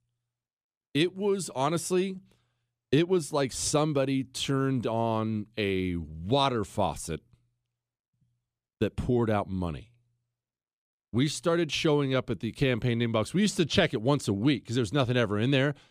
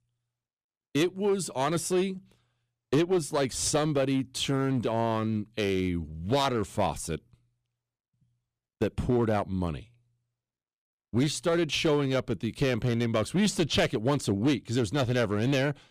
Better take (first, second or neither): first